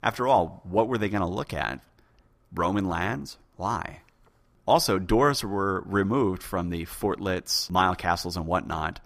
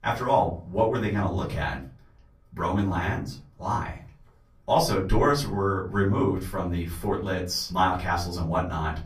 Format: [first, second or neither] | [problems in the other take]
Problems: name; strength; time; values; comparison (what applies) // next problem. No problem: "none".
first | off-mic speech; far // room echo; very slight; dies away in 0.4 s